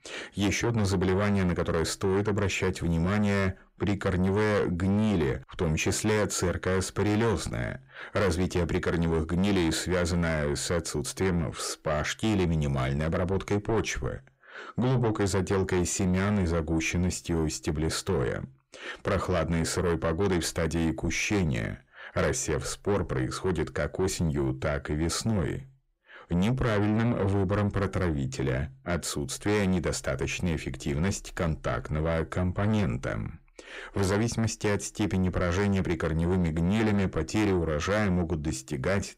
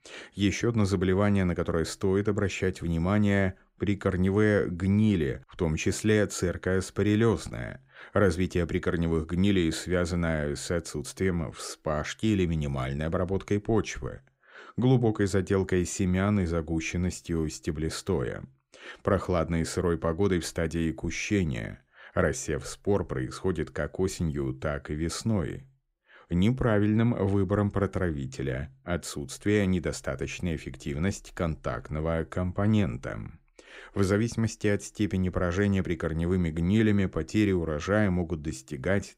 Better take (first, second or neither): second